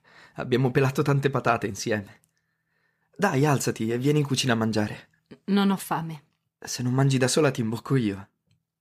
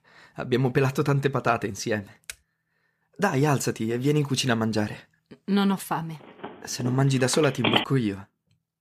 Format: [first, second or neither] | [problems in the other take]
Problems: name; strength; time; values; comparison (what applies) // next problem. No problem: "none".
first | keyboard typing; very faint; at 2.5 s; peak 15 dB below the speech // phone ringing; loud; from 6.5 to 8 s; peak 2 dB above the speech